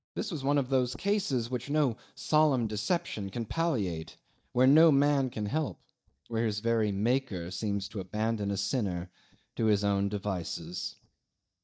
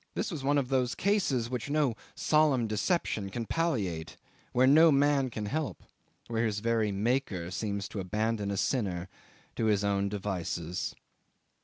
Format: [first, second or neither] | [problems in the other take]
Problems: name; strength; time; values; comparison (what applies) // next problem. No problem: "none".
second | noise reduction (neural mask model DeepFilterNet 3)